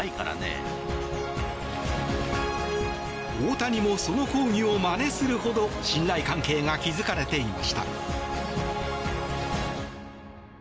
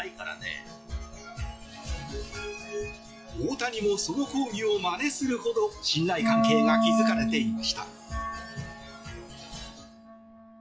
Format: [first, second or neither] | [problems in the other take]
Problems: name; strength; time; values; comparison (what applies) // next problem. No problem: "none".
first | noise reduction (classical method log-MMSE)